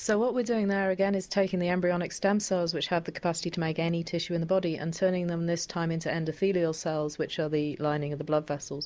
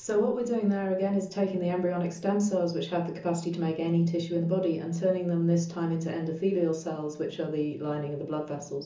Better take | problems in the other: first | room echo; dies away in 0.8 s

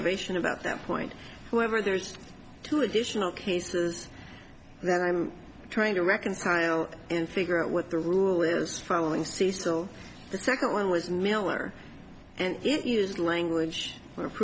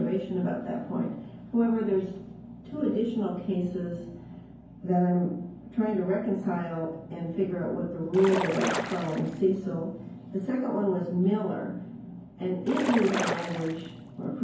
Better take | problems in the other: first | background sound (Splash, splatter); 4 dB below the speech // room echo; dies away in 0.9 s

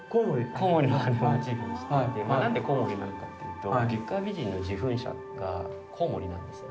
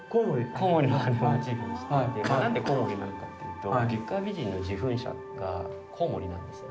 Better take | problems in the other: first | background sound (Cough); 12 dB below the speech

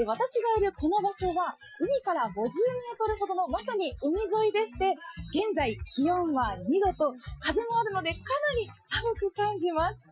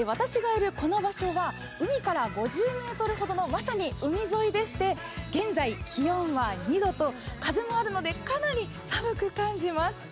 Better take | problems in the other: second | noise reduction (classical method Wiener filter)

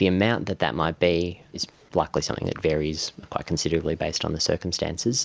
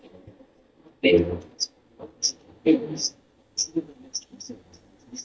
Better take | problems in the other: first | noise reduction (neural mask model DeepFilterNet 3)

